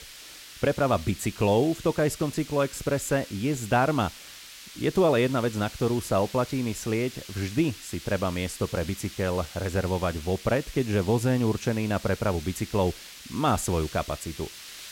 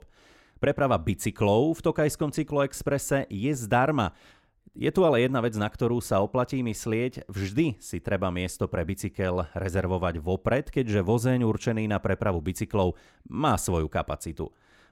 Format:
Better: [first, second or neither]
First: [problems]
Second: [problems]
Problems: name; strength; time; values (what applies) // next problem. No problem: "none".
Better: second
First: hiss; noticeable; throughout; 15 dB below the speech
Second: none